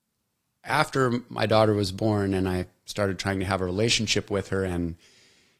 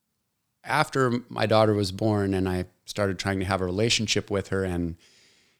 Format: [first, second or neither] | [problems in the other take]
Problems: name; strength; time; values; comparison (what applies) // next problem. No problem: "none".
second | garbled, watery; slightly